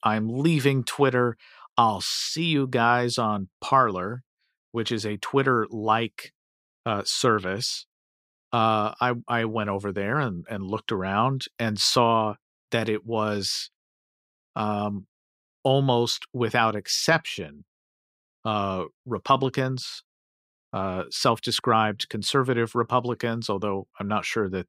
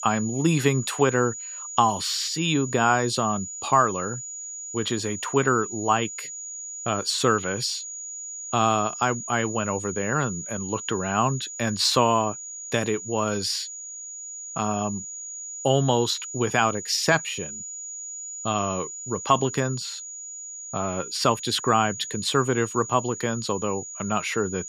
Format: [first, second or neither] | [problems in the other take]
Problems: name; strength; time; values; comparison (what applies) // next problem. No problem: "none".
first | high-pitched whine; loud; throughout; 7 kHz, 9 dB below the speech